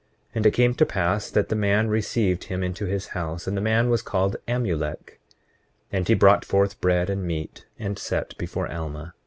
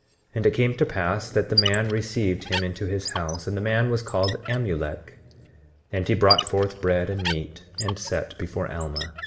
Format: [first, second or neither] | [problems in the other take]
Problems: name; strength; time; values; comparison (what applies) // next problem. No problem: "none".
first | background sound (Squeak); 8 dB below the speech // room echo; dies away in 3 s